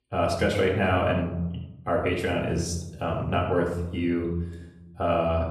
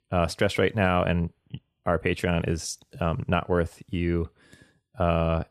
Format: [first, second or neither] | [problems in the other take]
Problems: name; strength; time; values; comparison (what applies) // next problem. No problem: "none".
second | room echo; noticeable; dies away in 0.7 s // off-mic speech; far